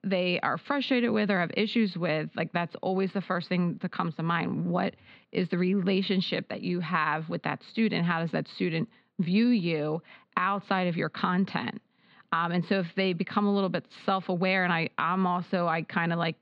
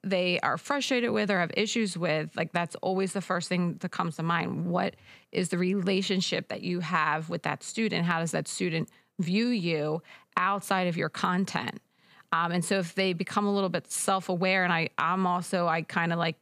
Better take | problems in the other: second | muffled; very slightly; fading above 4 kHz

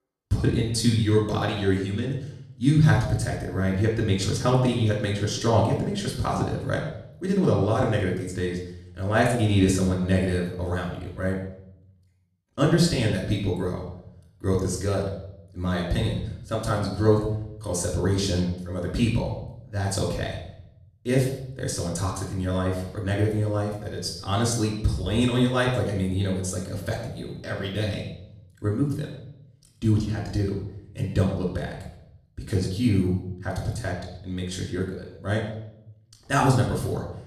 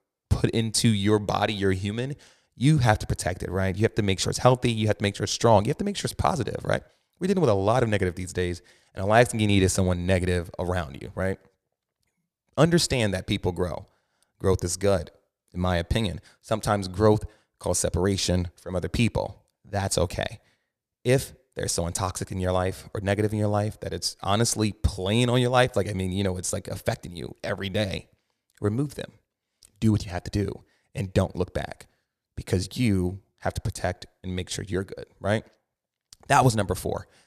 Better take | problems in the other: second | off-mic speech; far // room echo; noticeable; dies away in 0.7 s

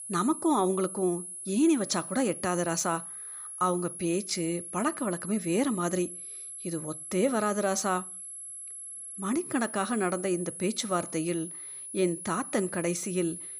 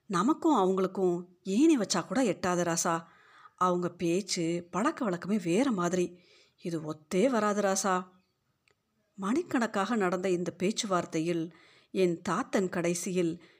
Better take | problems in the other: second | high-pitched whine; loud; throughout; 11 kHz, 8 dB below the speech

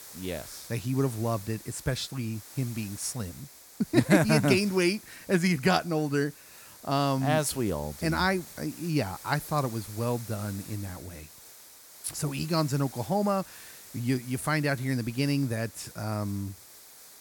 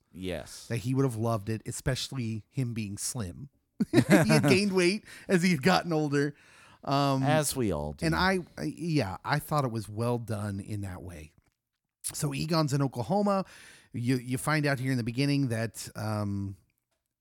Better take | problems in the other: second | hiss; noticeable; throughout; 15 dB below the speech

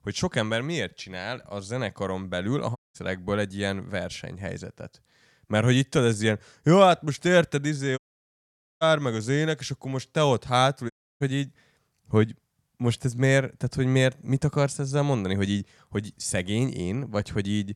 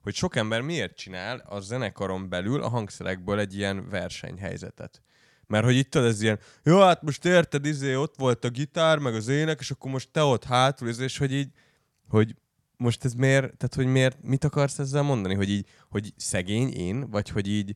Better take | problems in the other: second | audio cutting out; at 3 s, at 8 s for 1 s and at 11 s

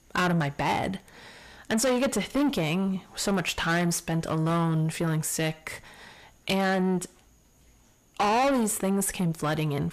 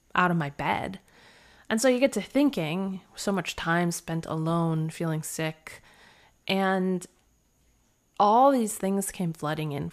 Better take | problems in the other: second | distortion; heavy; 6 dB below the speech

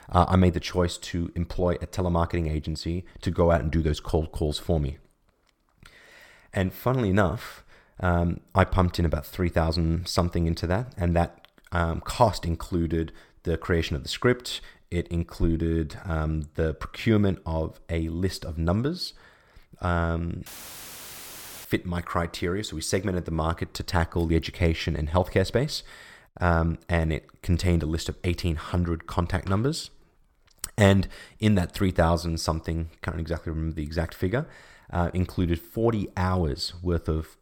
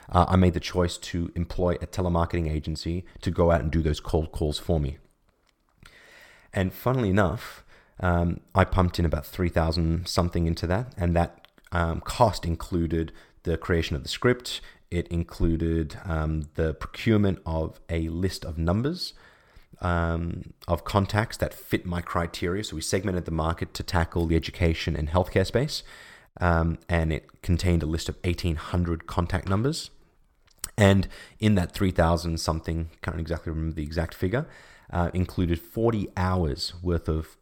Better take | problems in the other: second | audio cutting out; filled with static; at 20 s for 1 s

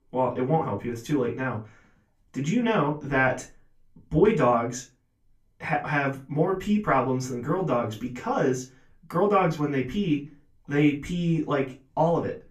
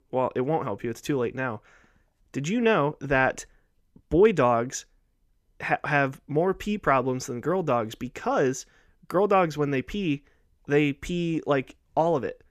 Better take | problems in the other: second | off-mic speech; far // room echo; very slight; dies away in 0.2 s

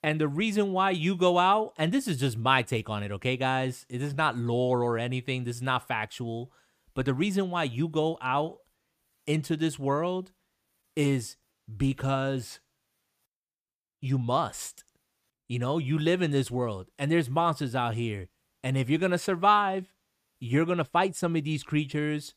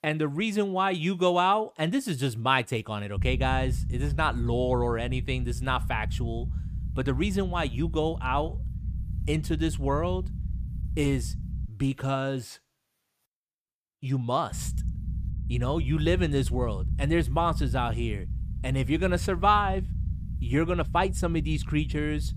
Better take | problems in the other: first | low rumble; faint; from 3 to 12 s and from 15 s on; 20 dB below the speech

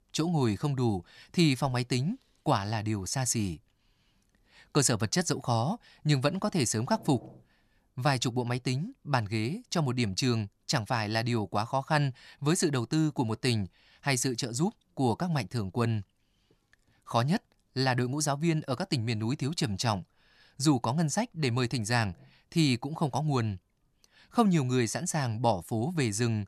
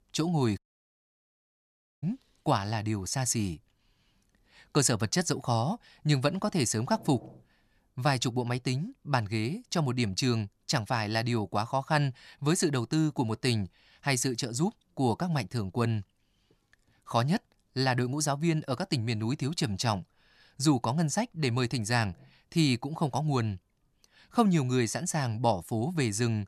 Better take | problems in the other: first | audio cutting out; at 0.5 s for 1.5 s

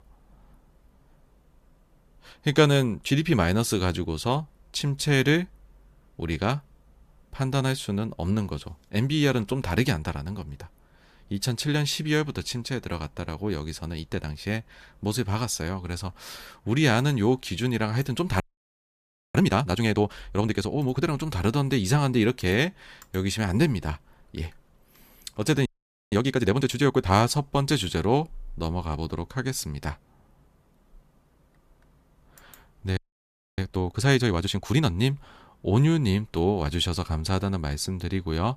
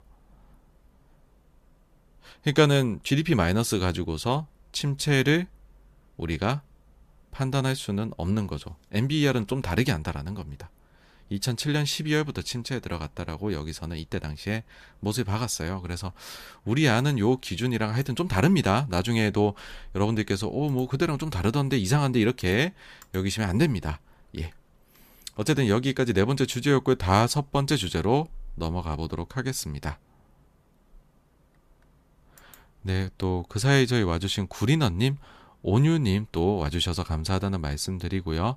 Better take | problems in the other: second | audio freezing; at 18 s for 1 s, at 26 s and at 33 s for 0.5 s

